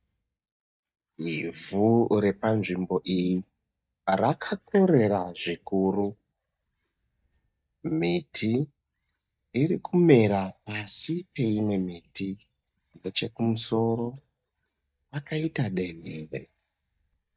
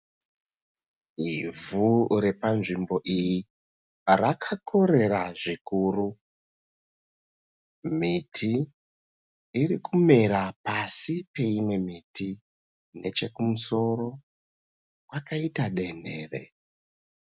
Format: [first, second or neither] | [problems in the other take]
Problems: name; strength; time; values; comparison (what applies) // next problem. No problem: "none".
second | noise reduction (neural mask model DeepFilterNet 3)